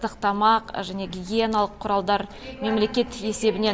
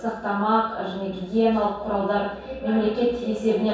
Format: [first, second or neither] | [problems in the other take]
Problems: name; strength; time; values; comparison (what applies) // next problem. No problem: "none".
first | room echo; dies away in 0.7 s